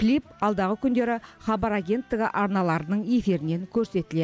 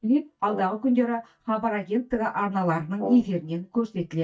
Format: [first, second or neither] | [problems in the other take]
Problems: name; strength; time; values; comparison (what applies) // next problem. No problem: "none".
first | noise reduction (neural mask model DeepFilterNet 3)